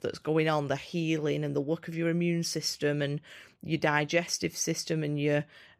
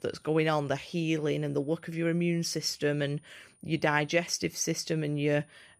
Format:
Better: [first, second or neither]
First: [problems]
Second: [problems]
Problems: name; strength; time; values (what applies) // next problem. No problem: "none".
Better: first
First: none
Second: high-pitched whine; faint; throughout; 9.5 kHz, 35 dB below the speech